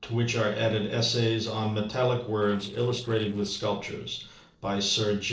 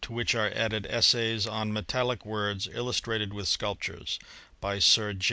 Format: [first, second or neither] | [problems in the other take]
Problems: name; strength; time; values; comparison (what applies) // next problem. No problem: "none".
second | noise reduction (neural separator model SepFormer DNS4)